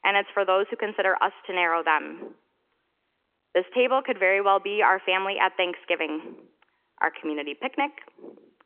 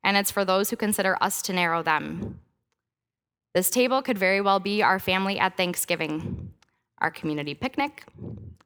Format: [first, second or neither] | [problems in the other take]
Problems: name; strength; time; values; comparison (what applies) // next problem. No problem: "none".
second | phone-call audio; nothing above 3 kHz